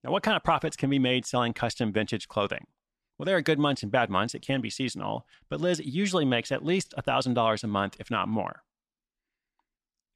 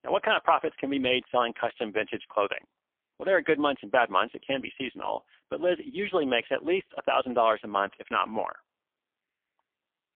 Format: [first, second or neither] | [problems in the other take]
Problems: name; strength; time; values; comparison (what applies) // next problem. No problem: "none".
first | phone-call audio; poor line; nothing above 3.5 kHz